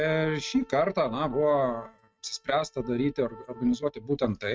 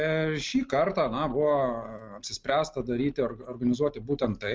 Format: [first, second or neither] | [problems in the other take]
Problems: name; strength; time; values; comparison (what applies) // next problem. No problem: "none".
second | noise reduction (neural mask model RNNoise)